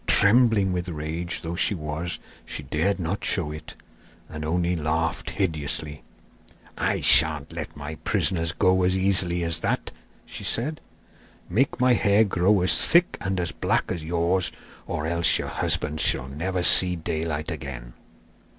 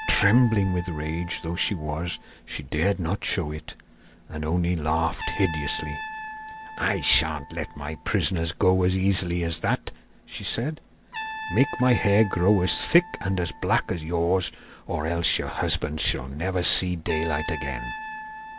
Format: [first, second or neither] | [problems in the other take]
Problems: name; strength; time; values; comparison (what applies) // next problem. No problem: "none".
first | background sound (Trumpet); 14 dB below the speech